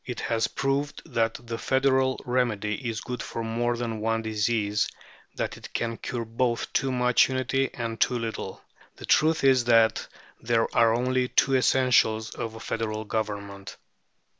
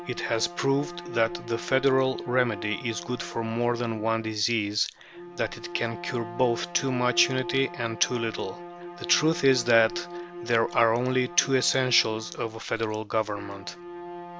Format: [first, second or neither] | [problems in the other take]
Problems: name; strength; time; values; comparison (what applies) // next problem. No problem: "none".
first | background sound (Bowed string instrument); 12 dB below the speech